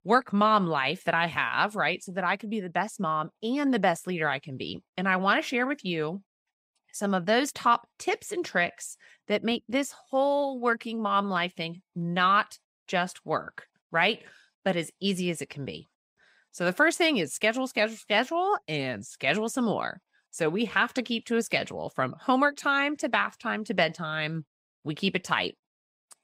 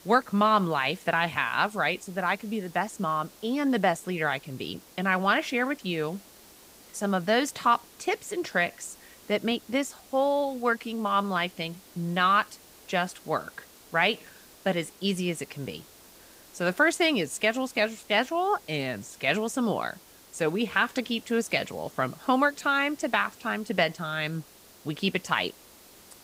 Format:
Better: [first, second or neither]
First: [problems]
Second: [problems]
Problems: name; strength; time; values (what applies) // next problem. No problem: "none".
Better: first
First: none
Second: hiss; faint; throughout; 25 dB below the speech